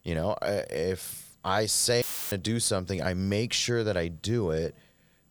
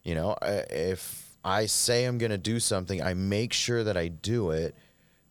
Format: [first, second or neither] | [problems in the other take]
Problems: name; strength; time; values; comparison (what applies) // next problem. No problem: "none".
second | audio cutting out; filled with static; at 2 s